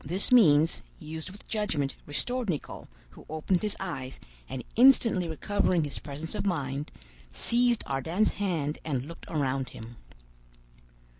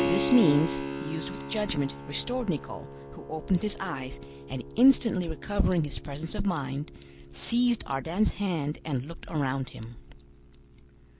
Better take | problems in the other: first | background sound (Keyboard (musical)); 9 dB below the speech

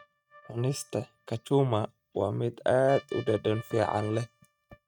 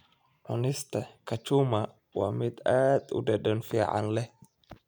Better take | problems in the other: second | noise reduction (neural mask model RNNoise)

